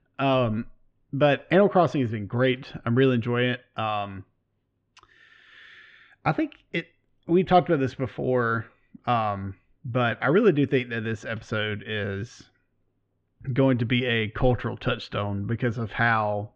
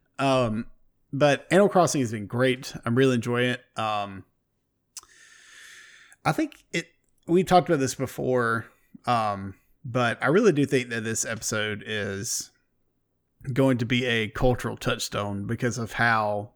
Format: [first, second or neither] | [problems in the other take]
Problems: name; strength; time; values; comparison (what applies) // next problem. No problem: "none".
second | muffled; very; fading above 3 kHz